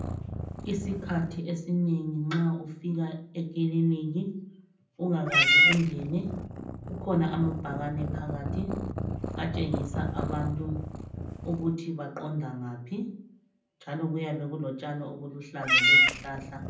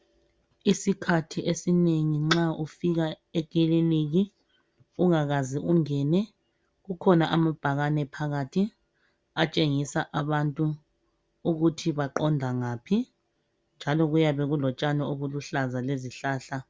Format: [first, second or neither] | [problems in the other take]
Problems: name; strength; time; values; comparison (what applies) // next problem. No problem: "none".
second | background sound (Meow / Purr); 1 dB above the speech // room echo; dies away in 0.6 s